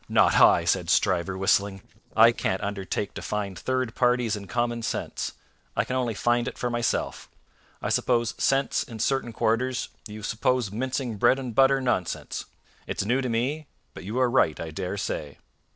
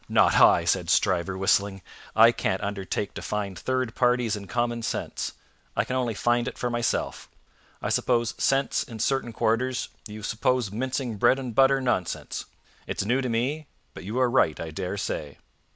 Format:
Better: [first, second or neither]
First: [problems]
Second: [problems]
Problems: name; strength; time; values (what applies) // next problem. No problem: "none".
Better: second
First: noise reduction (neural separator model SepFormer DNS4)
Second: none